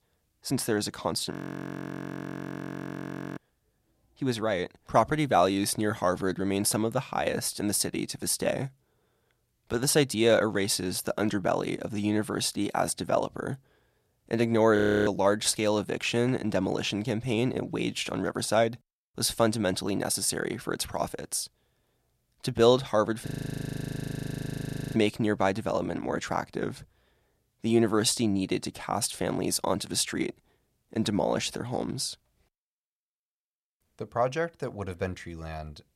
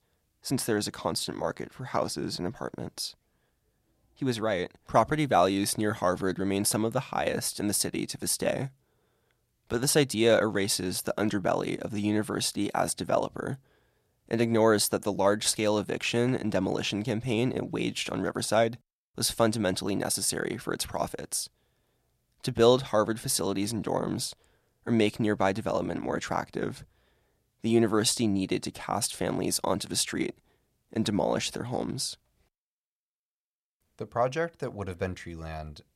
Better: second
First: audio freezing; at 1.5 s for 2 s, at 15 s and at 23 s for 1.5 s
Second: none

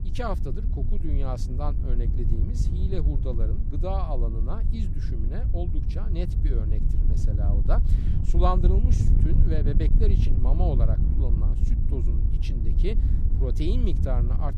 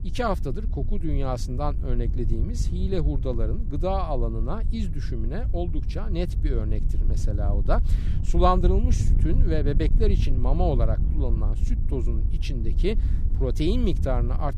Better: second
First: wind noise on the microphone; heavy; 6 dB below the speech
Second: wind noise on the microphone; occasional gusts; 15 dB below the speech

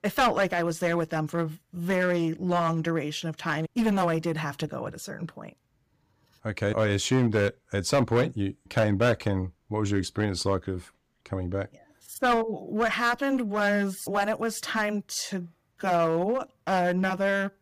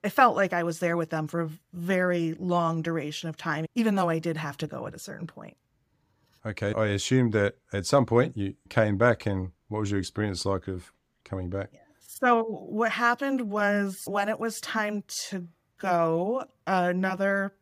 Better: second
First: distortion; slight; 6% of the sound clipped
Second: none

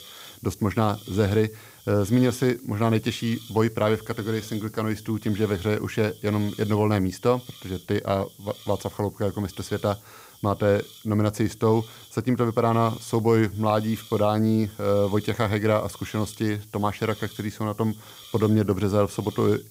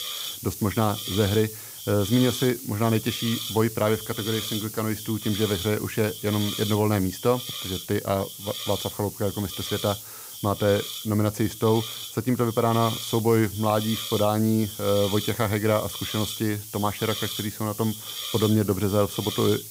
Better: first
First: hiss; faint; throughout; 20 dB below the speech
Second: hiss; loud; throughout; 7 dB below the speech

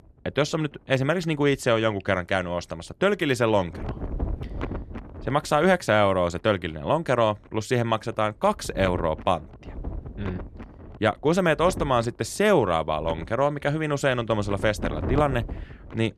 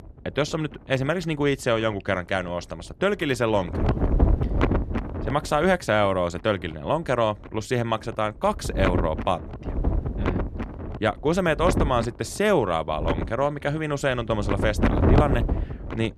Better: first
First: wind noise on the microphone; occasional gusts; 15 dB below the speech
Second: wind noise on the microphone; heavy; 7 dB below the speech

